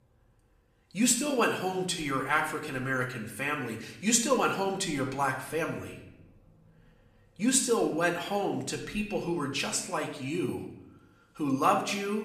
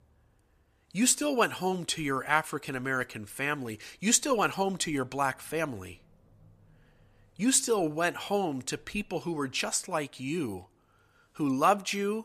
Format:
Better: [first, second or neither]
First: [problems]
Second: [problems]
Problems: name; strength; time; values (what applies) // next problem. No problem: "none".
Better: second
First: room echo; slight; dies away in 0.7 s // off-mic speech; somewhat distant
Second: none